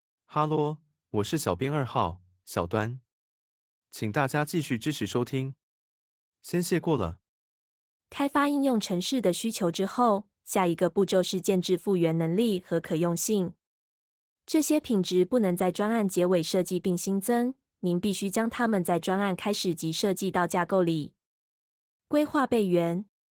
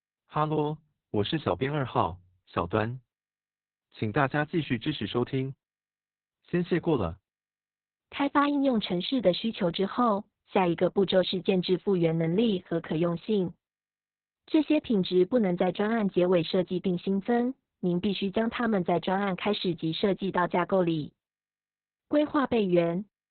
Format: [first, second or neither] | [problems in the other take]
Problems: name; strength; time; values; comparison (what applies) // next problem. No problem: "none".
first | garbled, watery; badly; nothing above 4 kHz; slightly in the first